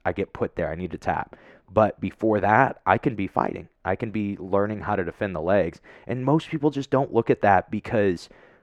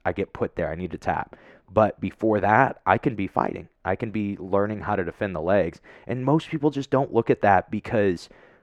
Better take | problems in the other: neither | muffled; very; fading above 3.5 kHz; the same in both

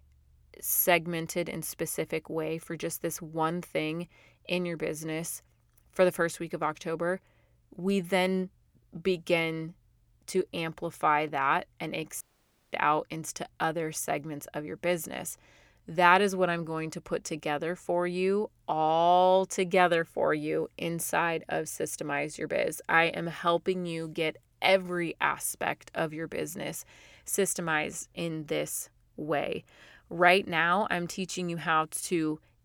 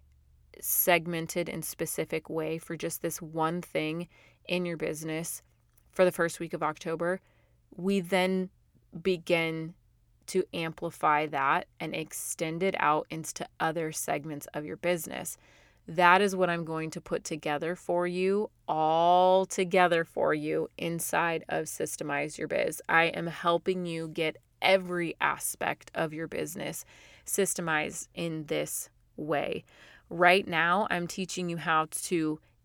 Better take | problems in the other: second | audio cutting out; at 12 s for 0.5 s

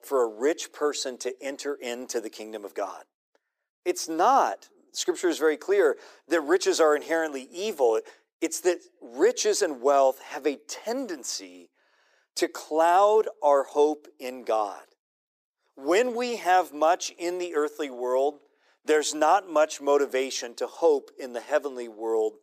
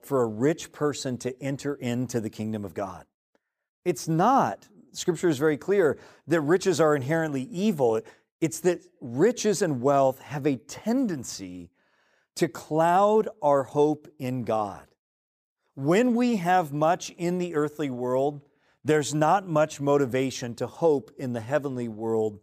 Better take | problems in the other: second | thin; somewhat; fading below 350 Hz

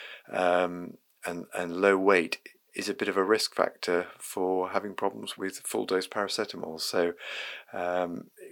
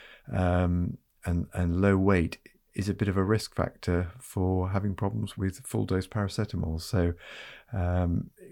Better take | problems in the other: second | thin; very; fading below 350 Hz

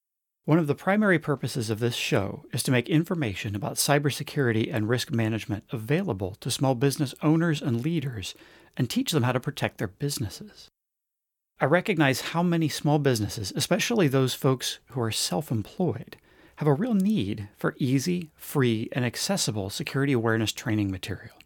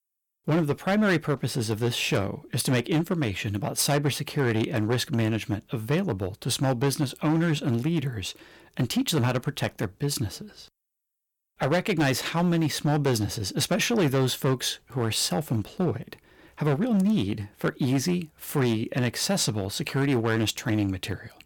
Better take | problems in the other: first | distortion; slight; 7% of the sound clipped

